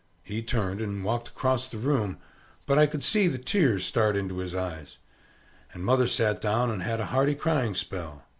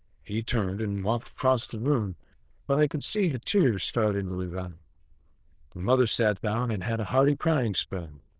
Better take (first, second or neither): first